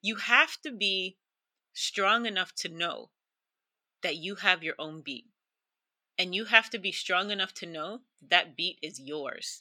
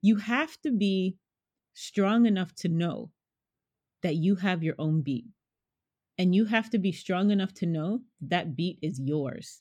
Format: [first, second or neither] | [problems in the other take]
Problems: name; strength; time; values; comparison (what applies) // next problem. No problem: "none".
second | thin; very; fading below 650 Hz